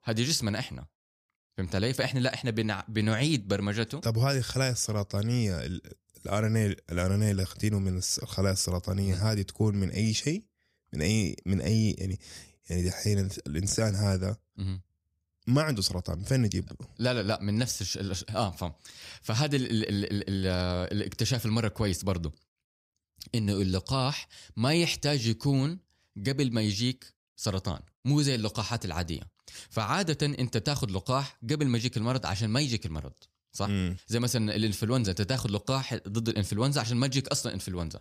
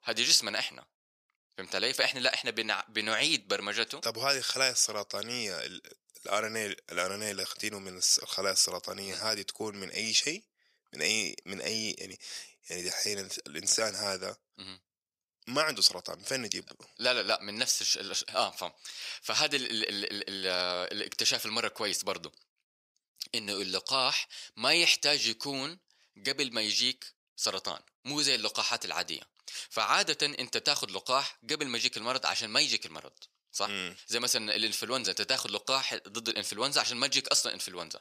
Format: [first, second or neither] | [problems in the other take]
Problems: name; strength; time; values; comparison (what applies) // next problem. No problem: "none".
first | thin; very; fading below 500 Hz